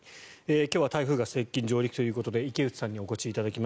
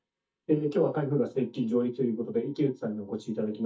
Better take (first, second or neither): first